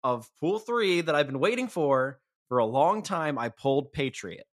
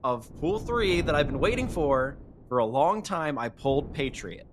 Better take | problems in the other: first | wind noise on the microphone; occasional gusts; 15 dB below the speech

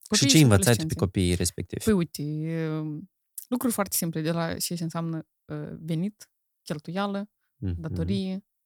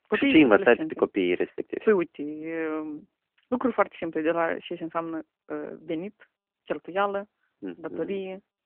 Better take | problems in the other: first | phone-call audio

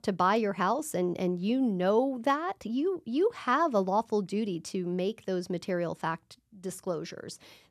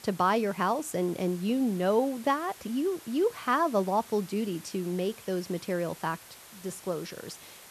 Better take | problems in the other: first | hiss; noticeable; throughout; 20 dB below the speech

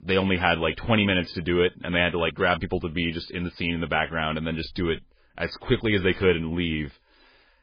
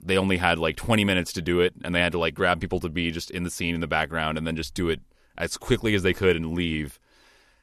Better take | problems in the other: second | garbled, watery; badly; nothing above 5 kHz

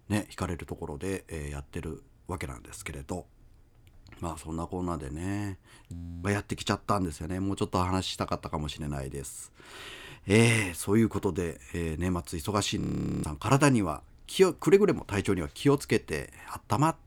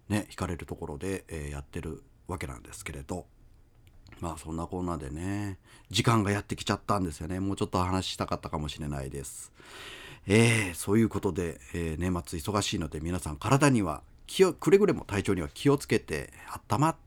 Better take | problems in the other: second | audio freezing; at 6 s and at 13 s

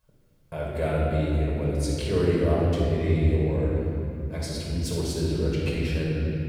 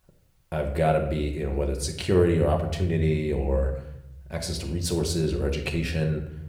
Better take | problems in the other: second | room echo; strong; dies away in 3 s; slight in the second // off-mic speech; far

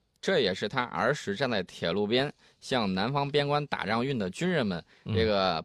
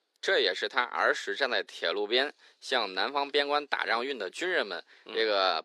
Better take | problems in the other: first | thin; very; fading below 300 Hz

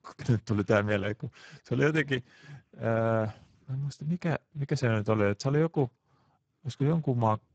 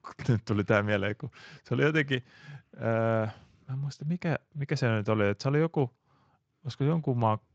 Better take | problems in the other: second | garbled, watery; badly; nothing above 7.5 kHz; slightly in the second

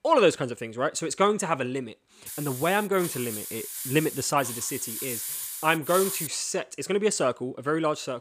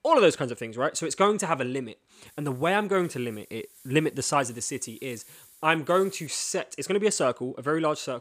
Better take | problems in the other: second | hiss; loud; from 2.5 to 6.5 s; 6 dB below the speech; faint in the second

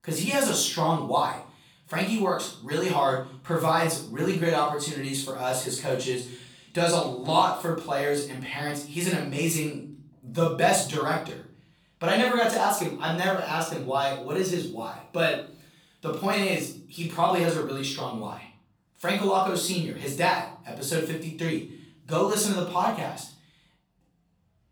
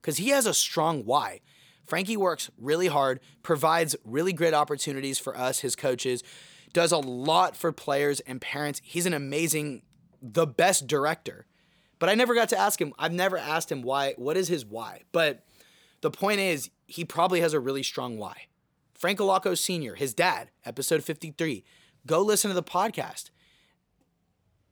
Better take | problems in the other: second | off-mic speech; far // room echo; noticeable; dies away in 0.4 s

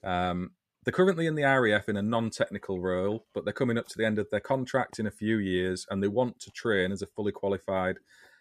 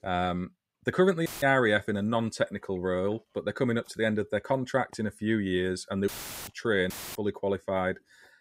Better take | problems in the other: first | audio cutting out; filled with static; at 1.5 s, at 6 s and at 7 s

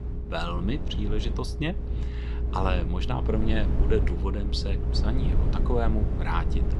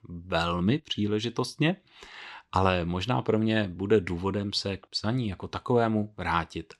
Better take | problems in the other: second | low rumble; loud; throughout; 8 dB below the speech

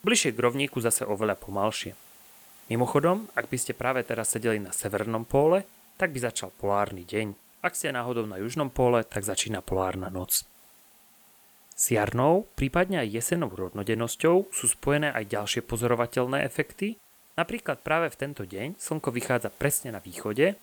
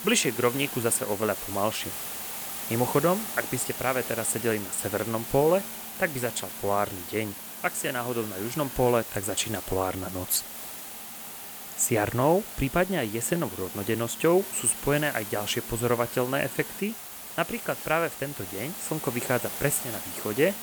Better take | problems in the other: first | hiss; loud; throughout; 7 dB below the speech; faint in the first

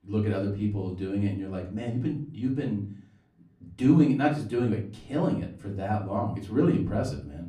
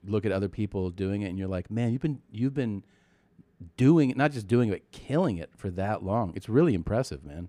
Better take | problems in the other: second | off-mic speech; far // room echo; very slight; dies away in 0.4 s

